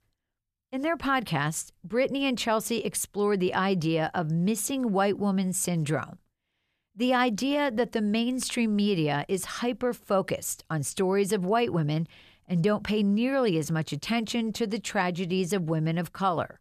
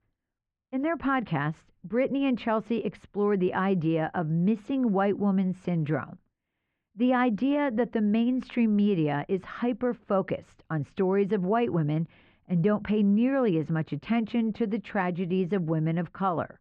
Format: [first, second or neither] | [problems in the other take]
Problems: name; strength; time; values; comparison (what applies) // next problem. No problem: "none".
first | muffled; very; fading above 2.5 kHz